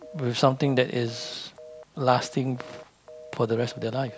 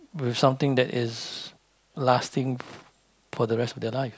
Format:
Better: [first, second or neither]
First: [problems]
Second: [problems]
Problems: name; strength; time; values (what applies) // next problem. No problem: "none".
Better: second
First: background sound (Telephone); 19 dB below the speech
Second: none